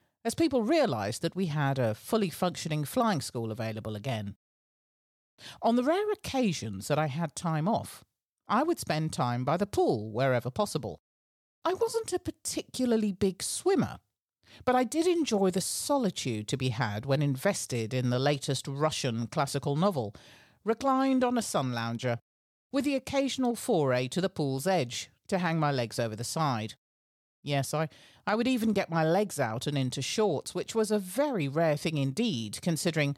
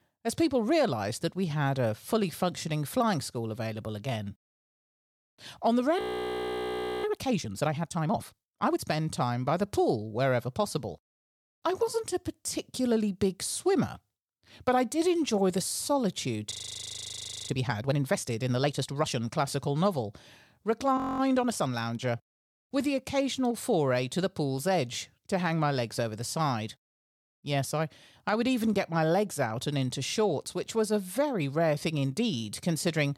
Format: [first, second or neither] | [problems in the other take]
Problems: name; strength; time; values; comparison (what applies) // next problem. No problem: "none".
first | audio freezing; at 6 s for 1 s, at 17 s for 1 s and at 21 s